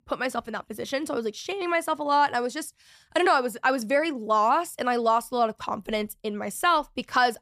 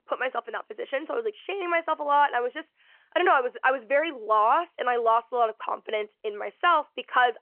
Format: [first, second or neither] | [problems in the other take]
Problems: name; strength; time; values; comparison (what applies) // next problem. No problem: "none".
first | phone-call audio; nothing above 3 kHz